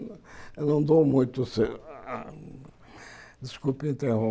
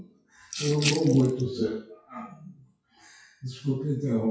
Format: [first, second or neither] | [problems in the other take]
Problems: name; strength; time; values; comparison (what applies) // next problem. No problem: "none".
first | noise reduction (classical method WPE with log-MMSE)